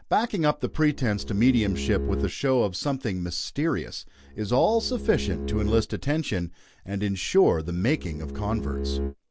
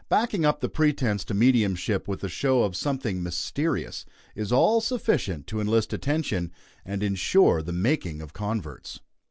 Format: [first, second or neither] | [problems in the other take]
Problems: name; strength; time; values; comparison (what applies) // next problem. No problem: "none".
second | background sound (Bowed string instrument); 6 dB below the speech